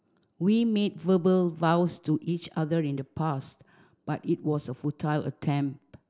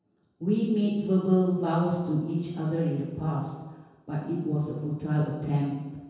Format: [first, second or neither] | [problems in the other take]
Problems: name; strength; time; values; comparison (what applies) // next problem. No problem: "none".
first | room echo; dies away in 1.2 s